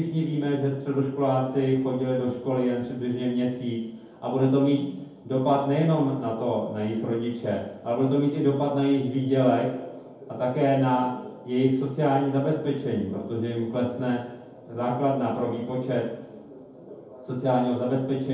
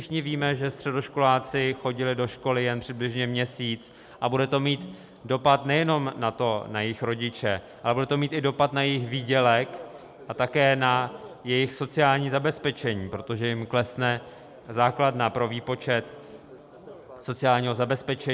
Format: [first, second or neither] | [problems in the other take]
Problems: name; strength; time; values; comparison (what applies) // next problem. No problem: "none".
second | room echo; dies away in 0.9 s